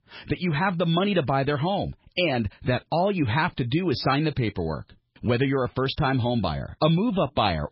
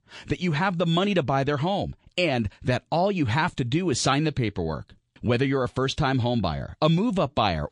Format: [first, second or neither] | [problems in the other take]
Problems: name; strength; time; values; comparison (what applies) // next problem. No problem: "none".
second | garbled, watery; badly; nothing above 5.5 kHz; slightly in the second